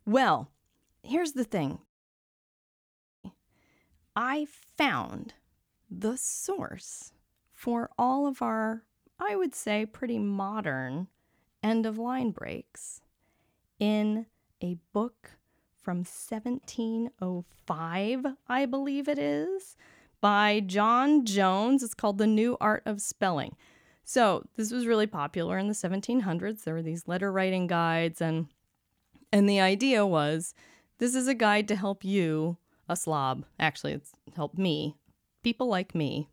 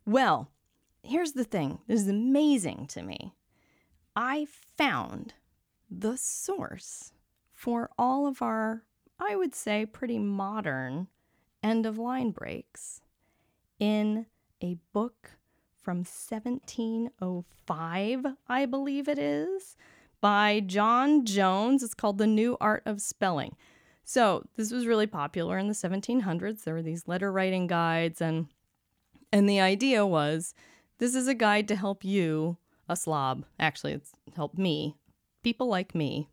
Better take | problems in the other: second | audio cutting out; at 2 s for 1.5 s

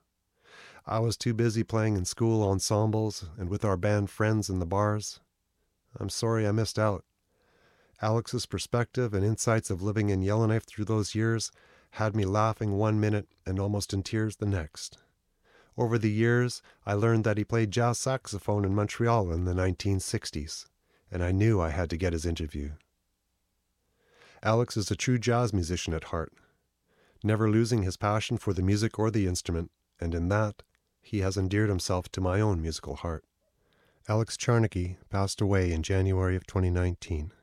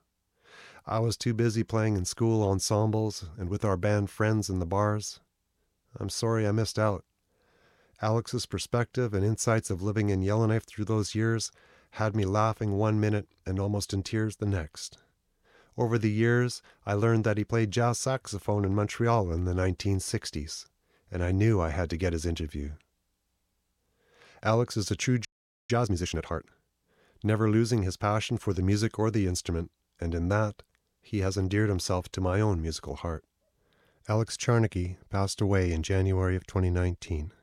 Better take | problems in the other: first | audio freezing; at 25 s

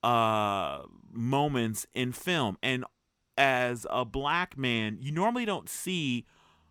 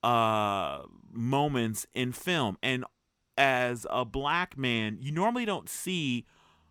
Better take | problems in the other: neither | none

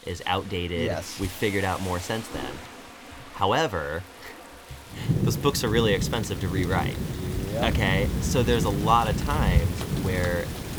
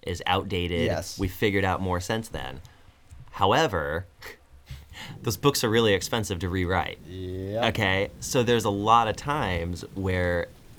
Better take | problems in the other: second | rain or running water; loud; throughout; 2 dB below the speech; faint in the second

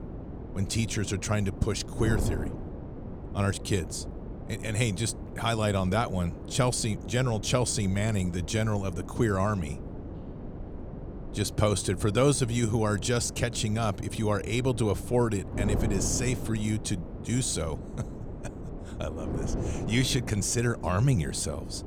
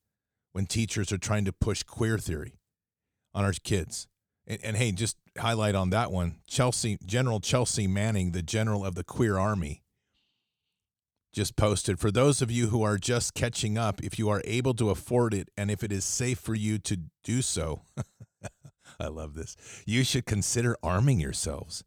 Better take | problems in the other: second | wind noise on the microphone; occasional gusts; 15 dB below the speech

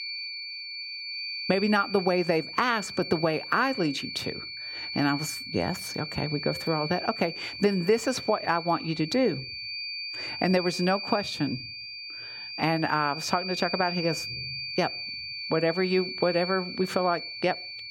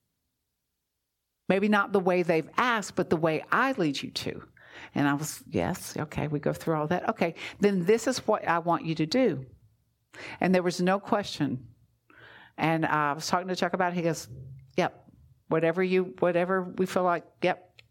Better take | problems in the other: second | high-pitched whine; loud; throughout; 4.5 kHz, 7 dB below the speech

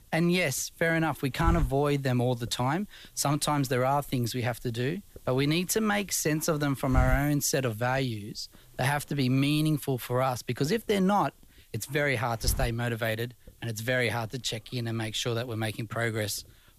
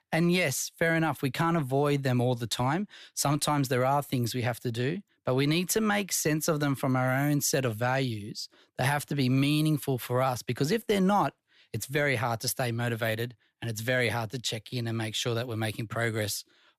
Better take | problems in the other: second | hiss; loud; throughout; 8 dB below the speech

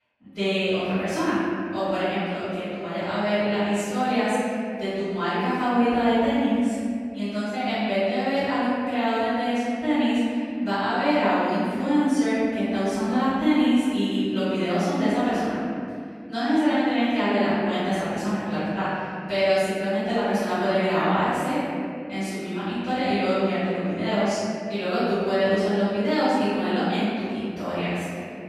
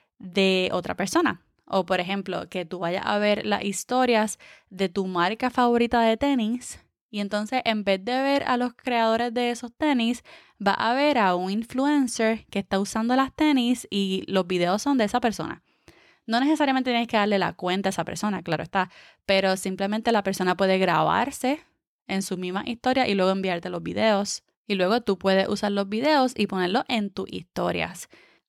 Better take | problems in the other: second | off-mic speech; far // room echo; strong; dies away in 2.4 s

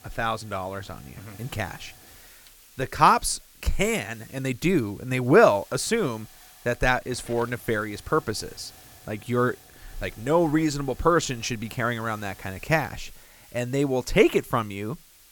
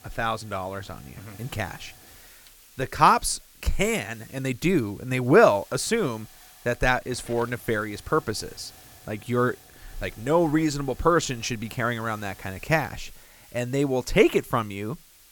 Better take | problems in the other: neither | hiss; faint; throughout; 25 dB below the speech; the same in both

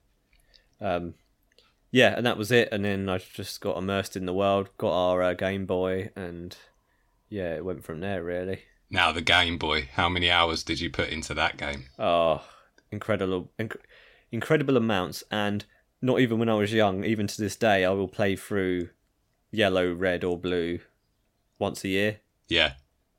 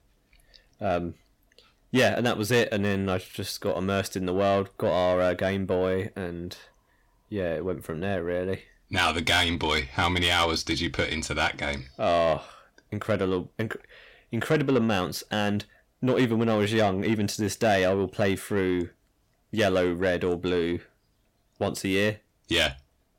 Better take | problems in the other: first | distortion; slight; 10 dB below the speech

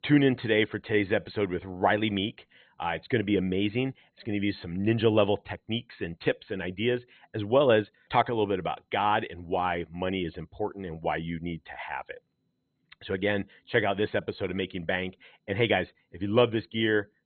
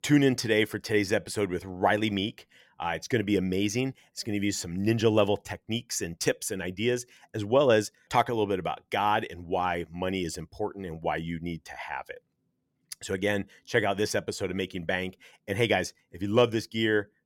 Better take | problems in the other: second | garbled, watery; badly; nothing above 3.5 kHz

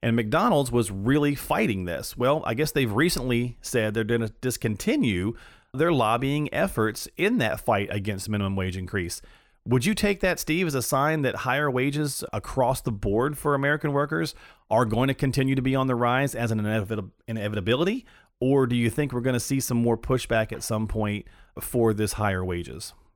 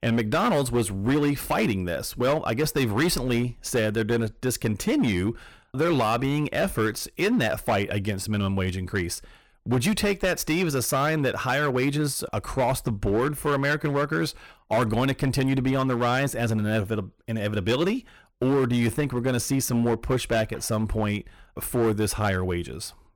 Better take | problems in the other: first | distortion; slight; 9% of the sound clipped

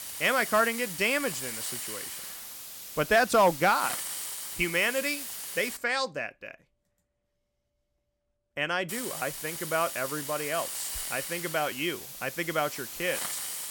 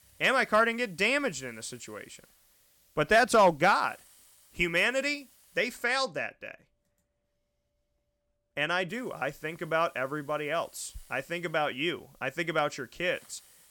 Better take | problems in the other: second | hiss; loud; until 6 s and from 9 s on; 6 dB below the speech; faint in the second

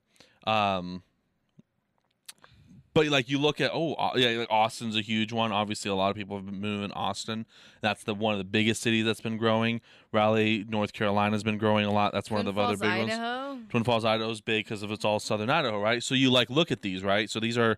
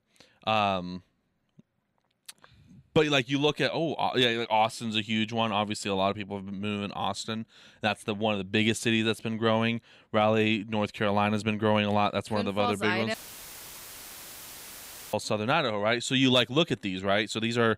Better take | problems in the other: first | audio cutting out; filled with static; at 13 s for 2 s

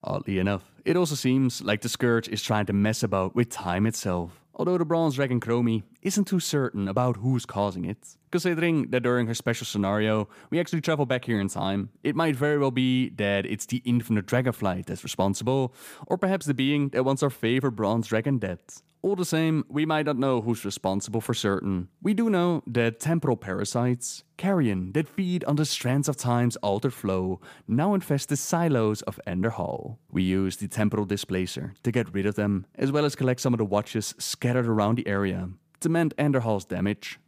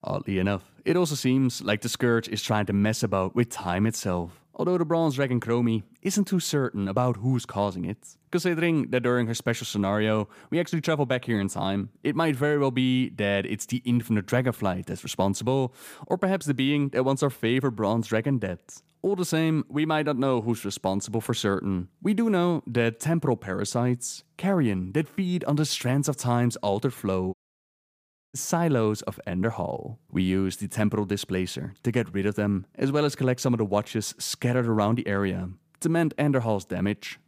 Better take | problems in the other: first | audio cutting out; at 27 s for 1 s

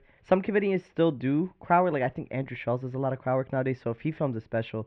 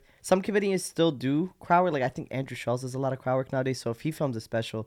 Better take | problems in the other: second | muffled; very; fading above 2.5 kHz

